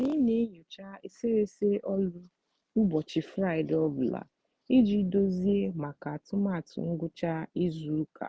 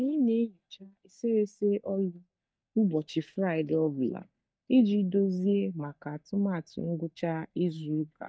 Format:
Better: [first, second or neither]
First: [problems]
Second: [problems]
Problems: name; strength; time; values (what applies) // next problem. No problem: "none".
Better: first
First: none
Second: noise reduction (neural mask model DeepFilterNet 3)